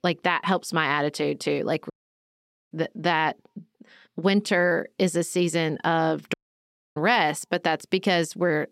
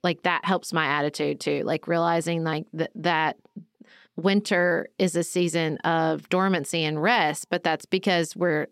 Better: second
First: audio cutting out; at 2 s for 1 s and at 6.5 s for 0.5 s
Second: none

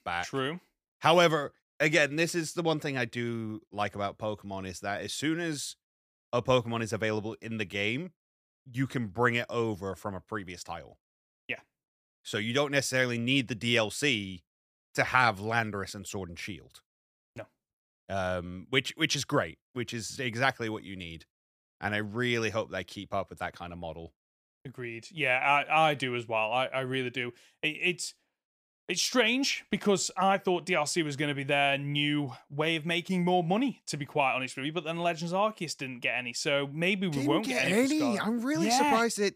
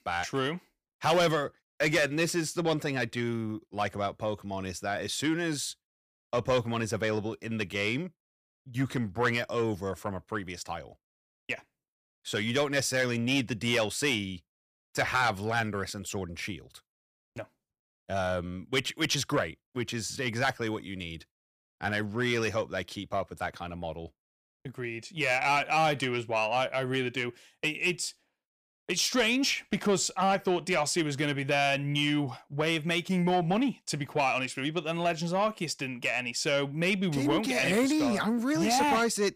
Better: first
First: none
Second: distortion; slight; 10 dB below the speech

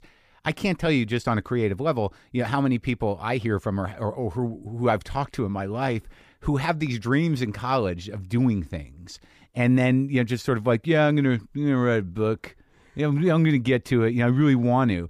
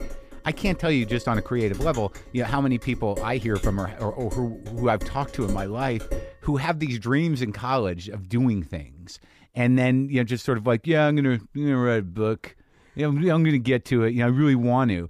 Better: first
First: none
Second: clattering dishes; noticeable; until 6.5 s; peak 10 dB below the speech

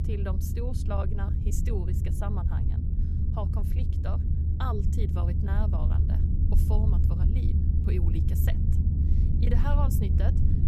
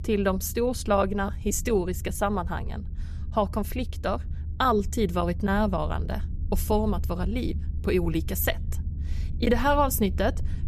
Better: second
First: low rumble; loud; throughout; 2 dB below the speech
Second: low rumble; faint; throughout; 20 dB below the speech

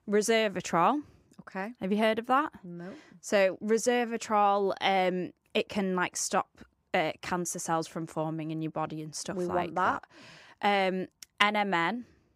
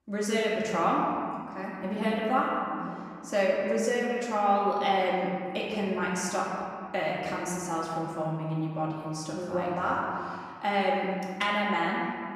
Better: first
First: none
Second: off-mic speech; far // room echo; noticeable; dies away in 2 s

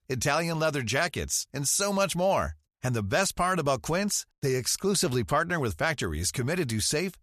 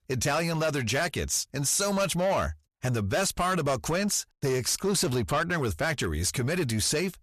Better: first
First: none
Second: distortion; slight; 10 dB below the speech

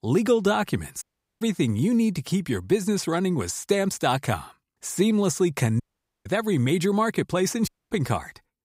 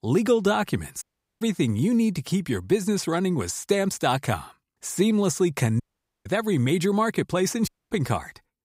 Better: neither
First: audio cutting out; at 1 s, at 6 s and at 7.5 s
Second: audio cutting out; at 1 s, at 6 s and at 7.5 s

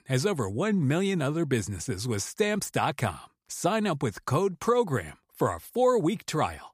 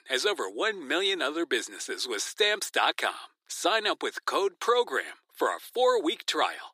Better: first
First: none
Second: thin; very; fading below 350 Hz

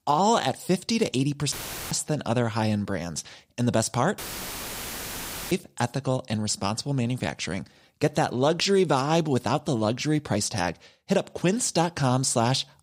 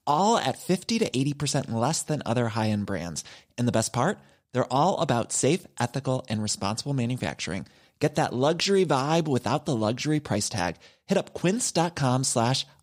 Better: second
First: audio cutting out; filled with static; at 1.5 s and at 4 s for 1.5 s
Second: none

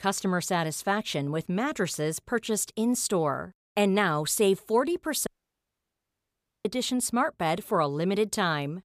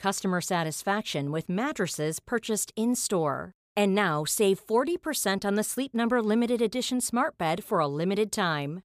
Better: second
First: audio cutting out; at 5.5 s for 1.5 s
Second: none

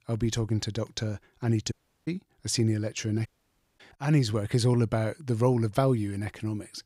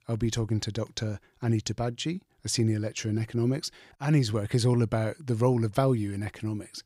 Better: second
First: audio cutting out; at 1.5 s and at 3.5 s for 0.5 s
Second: none

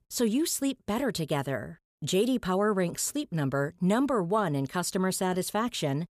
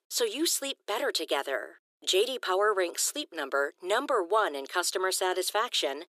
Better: first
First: none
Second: thin; very; fading below 350 Hz

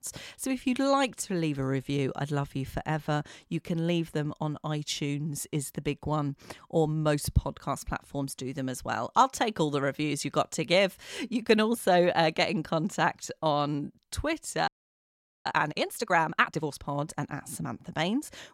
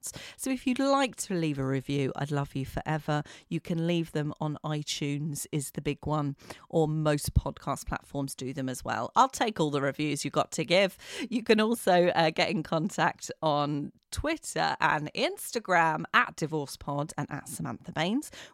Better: second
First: audio freezing; at 15 s for 1 s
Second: none

